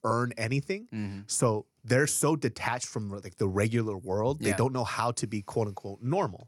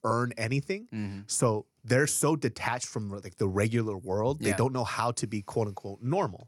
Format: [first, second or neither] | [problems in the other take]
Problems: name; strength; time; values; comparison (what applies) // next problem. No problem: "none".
neither | none